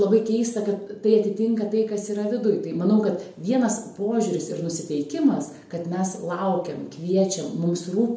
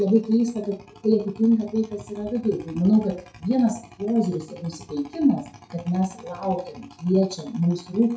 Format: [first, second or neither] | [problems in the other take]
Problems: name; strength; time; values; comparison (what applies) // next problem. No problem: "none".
first | noise reduction (classical method WPE with log-MMSE)